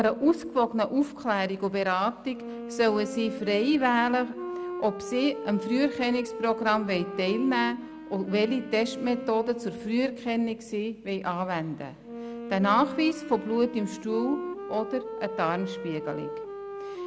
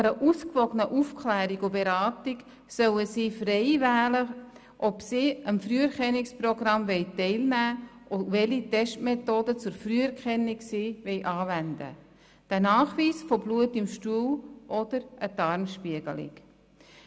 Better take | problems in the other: second | background sound (Wind instrument, woodwind instrument); 10 dB below the speech

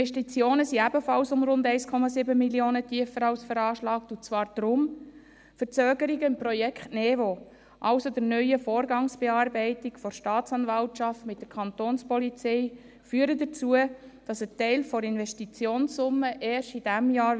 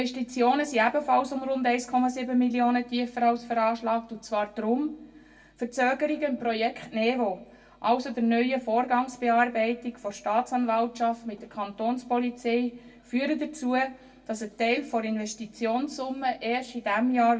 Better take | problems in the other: first | room echo; dies away in 0.1 s

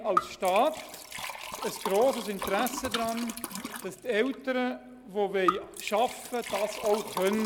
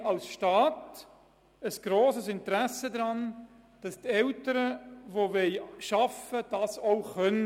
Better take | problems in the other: second | background sound (Liquid); 7 dB below the speech

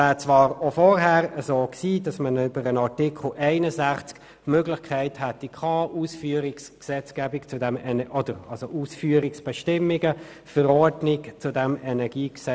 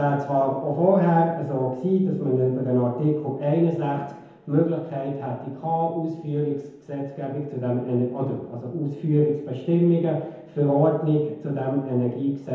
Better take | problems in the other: first | room echo; dies away in 1 s

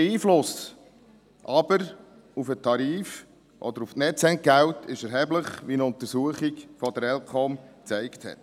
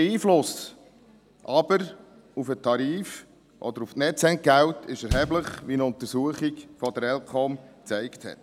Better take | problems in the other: first | background sound (Bass drum); 11 dB below the speech

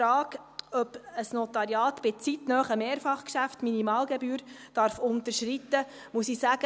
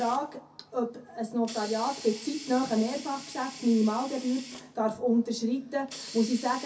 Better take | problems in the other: first | background sound (Hiss); 16 dB below the speech // room echo; dies away in 0.3 s

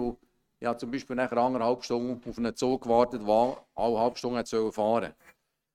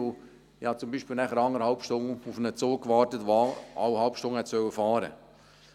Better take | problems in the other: second | noise reduction (neural mask model RNNoise)

